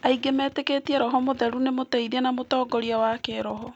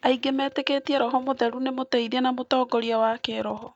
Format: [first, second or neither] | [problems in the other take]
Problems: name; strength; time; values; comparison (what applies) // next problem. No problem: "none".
first | noise reduction (neural mask model DeepFilterNet 3)